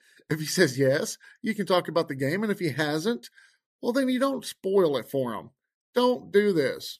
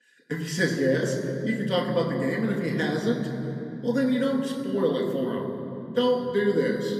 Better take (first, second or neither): first